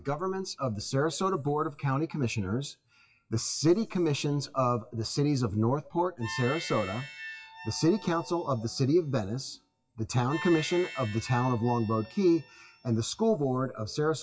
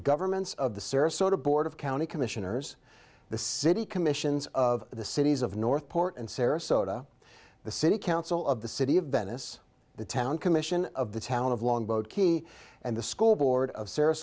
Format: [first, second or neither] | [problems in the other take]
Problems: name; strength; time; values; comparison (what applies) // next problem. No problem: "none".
second | noise reduction (classical method WPE with log-MMSE)